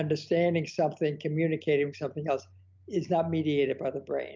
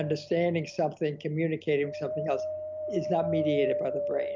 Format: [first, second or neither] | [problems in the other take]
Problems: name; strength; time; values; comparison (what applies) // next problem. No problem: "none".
first | background sound (Wind); 4 dB below the speech